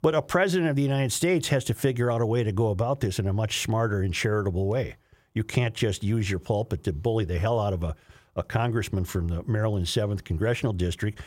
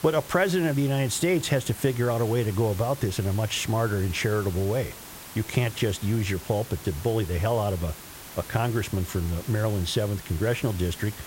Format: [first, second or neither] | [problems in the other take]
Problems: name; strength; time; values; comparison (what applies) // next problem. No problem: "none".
first | hiss; noticeable; throughout; 15 dB below the speech